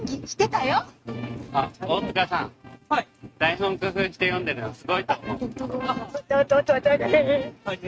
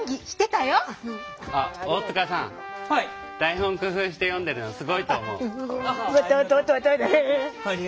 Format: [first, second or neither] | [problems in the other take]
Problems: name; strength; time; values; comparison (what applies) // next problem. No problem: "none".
second | noise reduction (neural mask model RNNoise)